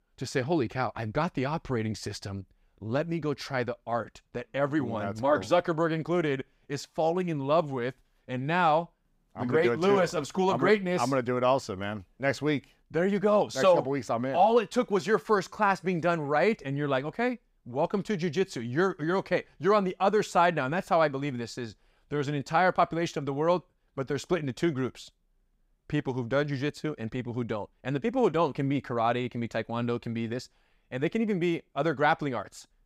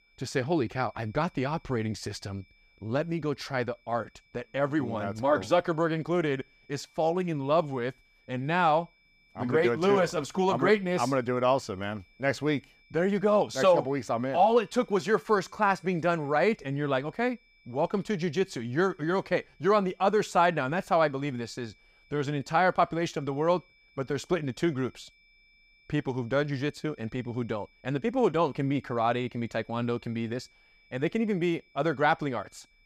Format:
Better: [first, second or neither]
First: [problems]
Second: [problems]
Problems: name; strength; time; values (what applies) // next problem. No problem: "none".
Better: first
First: none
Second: high-pitched whine; faint; throughout; 2.5 kHz, 35 dB below the speech